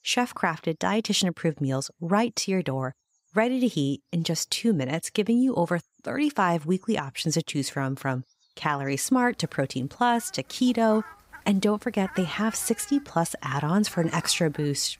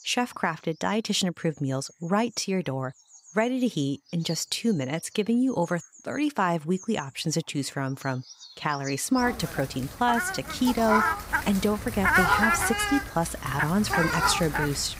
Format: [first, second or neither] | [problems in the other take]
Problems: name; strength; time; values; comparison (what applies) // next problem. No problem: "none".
first | animal sounds; loud; throughout; as loud as the speech; faint in the first